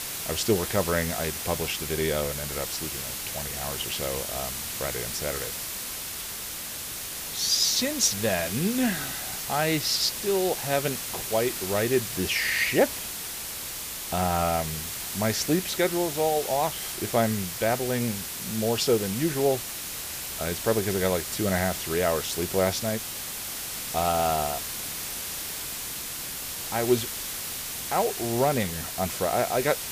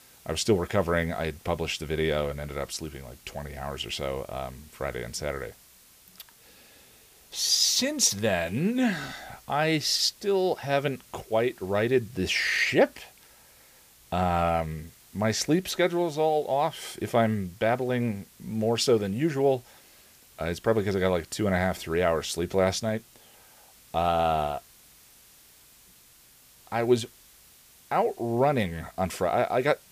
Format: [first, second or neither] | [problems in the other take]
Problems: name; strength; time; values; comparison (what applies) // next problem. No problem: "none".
second | hiss; loud; throughout; 4 dB below the speech; faint in the second